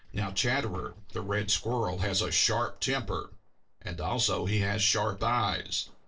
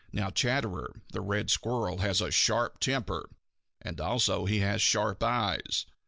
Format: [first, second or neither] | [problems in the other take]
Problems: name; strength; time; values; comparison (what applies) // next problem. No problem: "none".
second | noise reduction (neural separator model SepFormer DNS4)